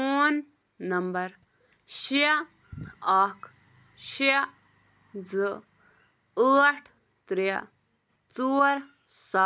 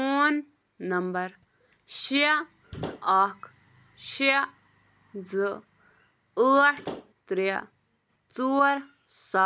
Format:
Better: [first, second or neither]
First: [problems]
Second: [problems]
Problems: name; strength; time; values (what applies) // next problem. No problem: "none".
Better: first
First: none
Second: background sound (Slam / Wood); 11 dB below the speech